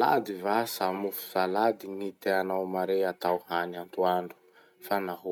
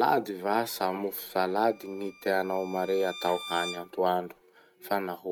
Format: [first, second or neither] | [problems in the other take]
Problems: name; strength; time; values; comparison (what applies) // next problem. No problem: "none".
first | background sound (Bowed string instrument); 15 dB below the speech